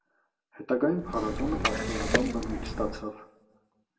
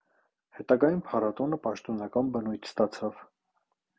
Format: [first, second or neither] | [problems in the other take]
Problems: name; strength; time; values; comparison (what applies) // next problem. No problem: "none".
second | background sound (Liquid); 1 dB above the speech // room echo; dies away in 0.6 s